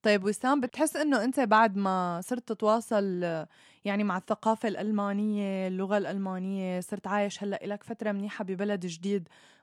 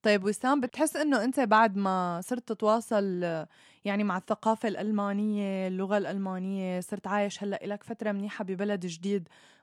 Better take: neither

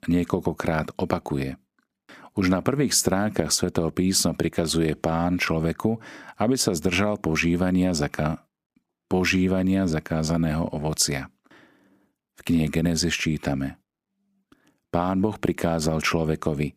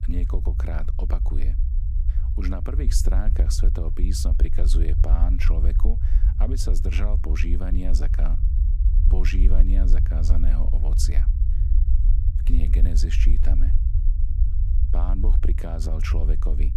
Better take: first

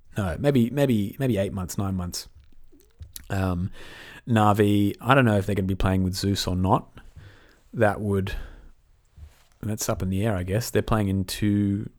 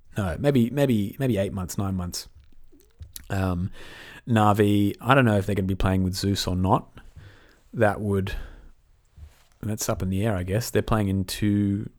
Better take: neither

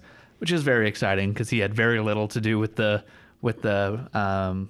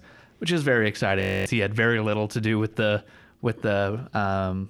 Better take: first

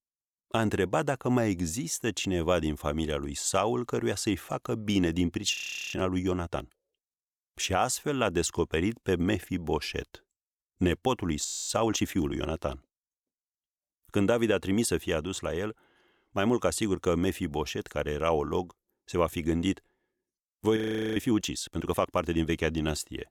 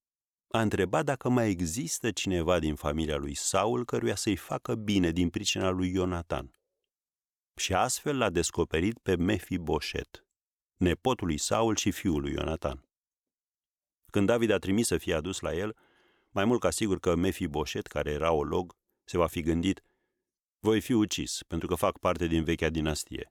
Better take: second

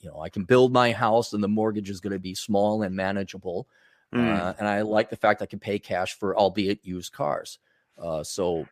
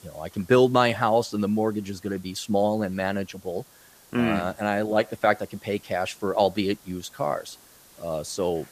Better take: first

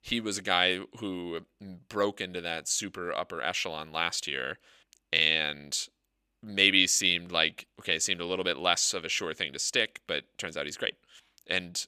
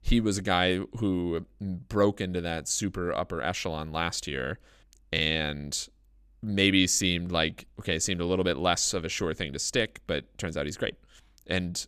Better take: second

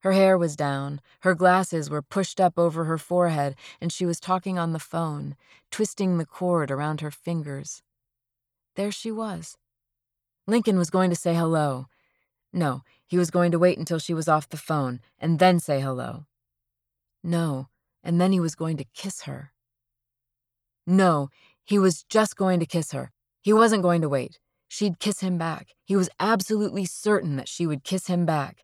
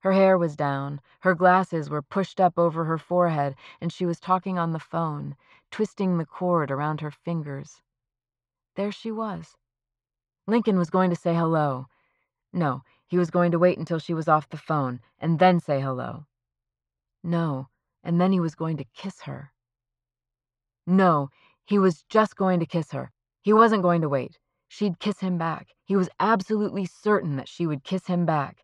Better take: first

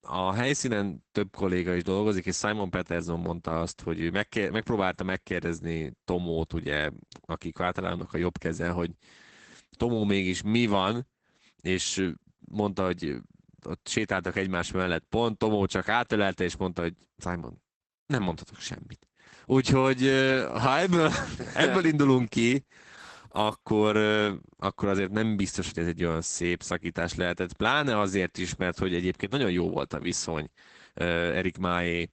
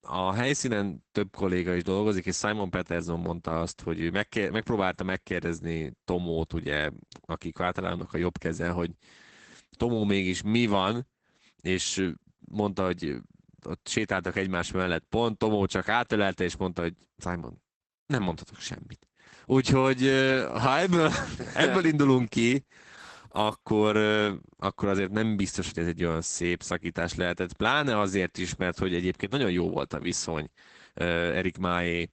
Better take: neither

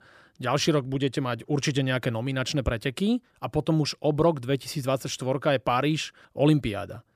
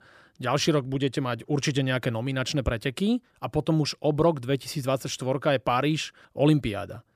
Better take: neither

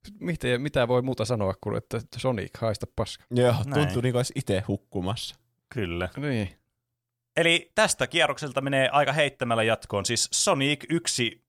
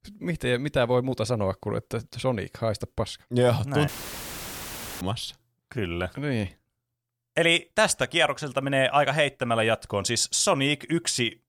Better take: first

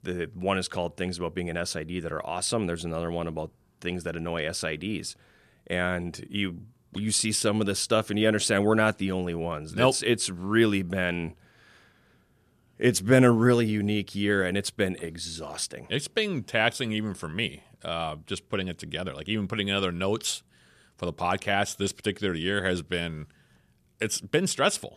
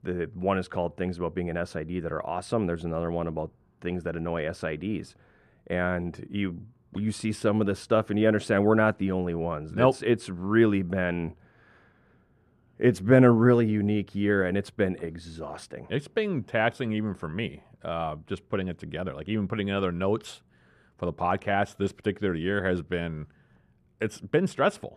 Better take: first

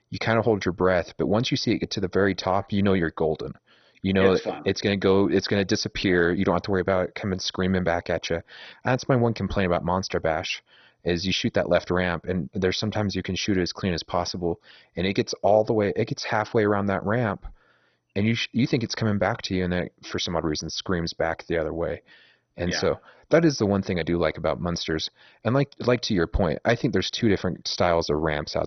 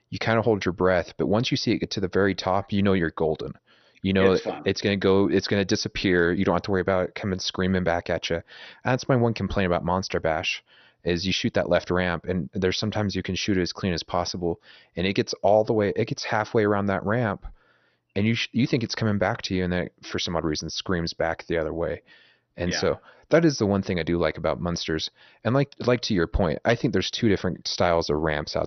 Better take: second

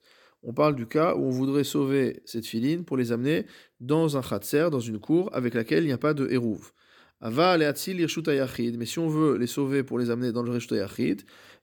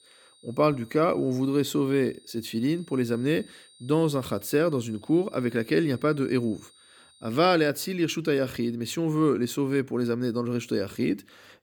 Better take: first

